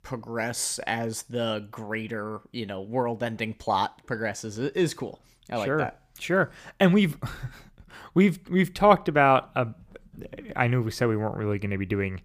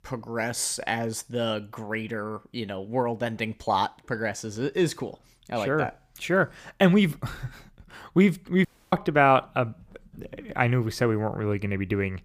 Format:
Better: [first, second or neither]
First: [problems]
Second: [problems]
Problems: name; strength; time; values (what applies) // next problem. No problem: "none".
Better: first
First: none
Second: audio cutting out; at 8.5 s